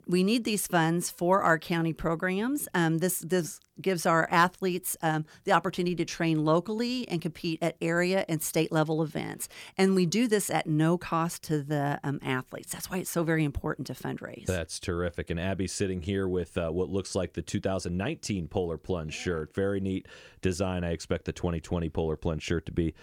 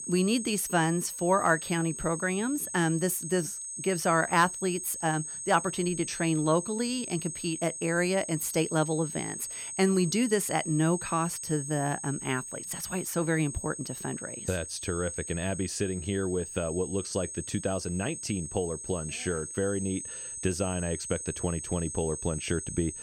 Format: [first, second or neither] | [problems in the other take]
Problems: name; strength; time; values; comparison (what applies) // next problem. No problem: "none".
first | high-pitched whine; loud; throughout; 8.5 kHz, 6 dB below the speech